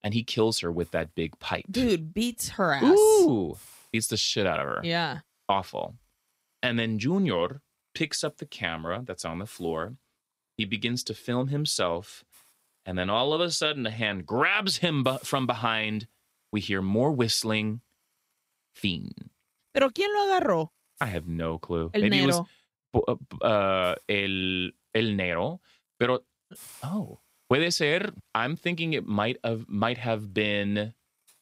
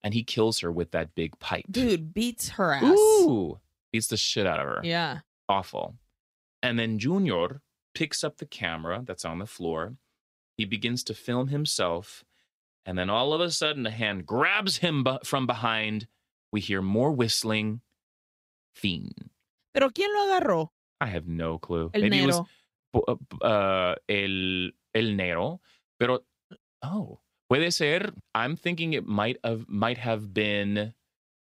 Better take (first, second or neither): second